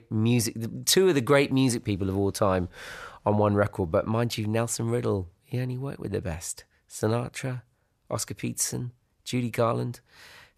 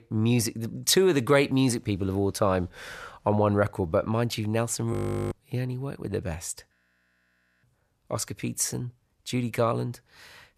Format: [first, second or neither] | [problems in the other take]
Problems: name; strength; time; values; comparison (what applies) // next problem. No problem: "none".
first | audio freezing; at 5 s and at 6.5 s for 1 s